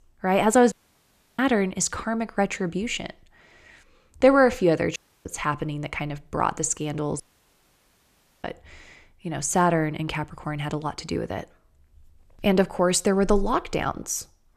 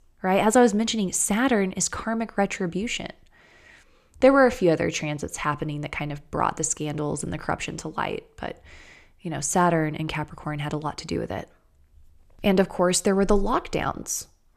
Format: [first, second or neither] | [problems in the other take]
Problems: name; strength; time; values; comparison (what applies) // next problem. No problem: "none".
second | audio cutting out; at 0.5 s for 0.5 s, at 5 s and at 7 s for 1 s